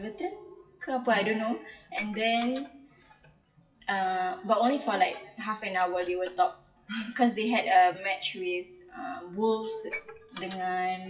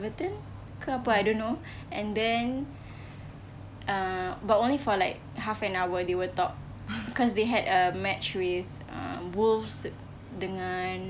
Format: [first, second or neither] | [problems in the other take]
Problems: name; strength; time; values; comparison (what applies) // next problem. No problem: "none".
second | noise reduction (classical method WPE with log-MMSE)